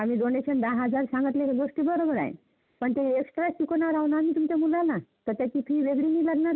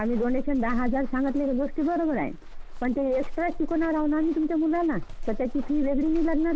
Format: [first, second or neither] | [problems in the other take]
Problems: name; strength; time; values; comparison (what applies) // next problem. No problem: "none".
first | background sound (Walk, footsteps); 6 dB below the speech